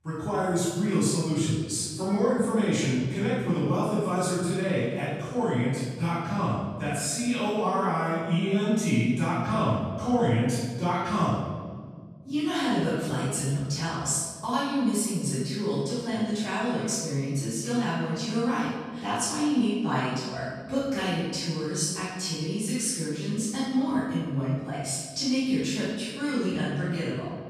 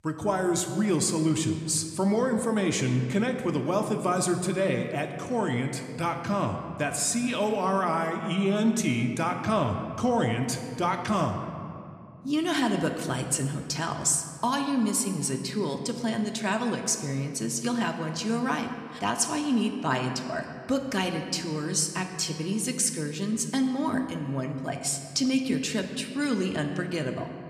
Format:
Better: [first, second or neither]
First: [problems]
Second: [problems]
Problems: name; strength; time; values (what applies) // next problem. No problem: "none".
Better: second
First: room echo; strong; dies away in 1.5 s // off-mic speech; far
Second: room echo; slight; dies away in 1.7 s